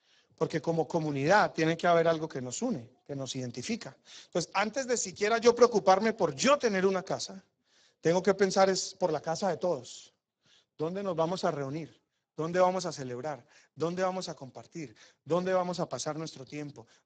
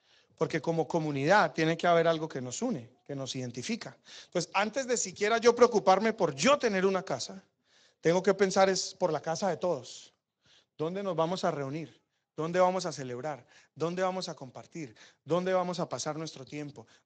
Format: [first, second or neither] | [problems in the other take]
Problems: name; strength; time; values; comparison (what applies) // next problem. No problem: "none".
second | garbled, watery; badly; nothing above 7.5 kHz; slightly in the second